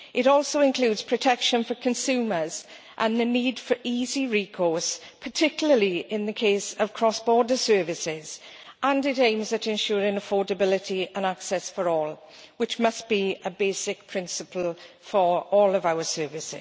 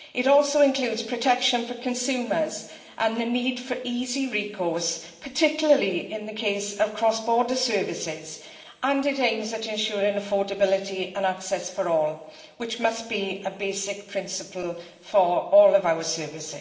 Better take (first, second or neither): first